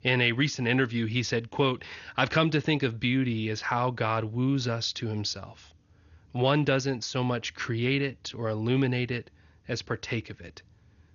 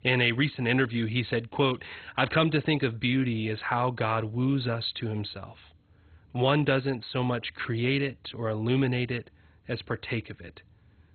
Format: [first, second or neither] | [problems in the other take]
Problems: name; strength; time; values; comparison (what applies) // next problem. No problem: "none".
first | garbled, watery; badly; nothing above 4 kHz; slightly in the first